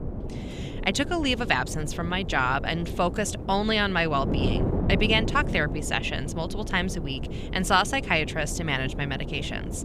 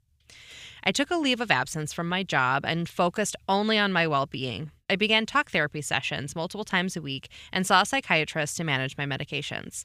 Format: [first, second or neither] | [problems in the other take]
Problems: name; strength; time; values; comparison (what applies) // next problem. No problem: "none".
second | wind noise on the microphone; occasional gusts; 15 dB below the speech